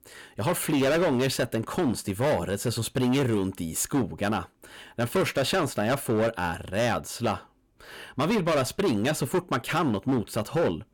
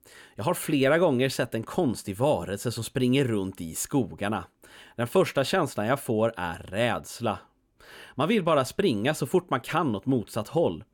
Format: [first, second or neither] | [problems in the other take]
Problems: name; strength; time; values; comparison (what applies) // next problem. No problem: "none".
second | distortion; heavy; 13% of the sound clipped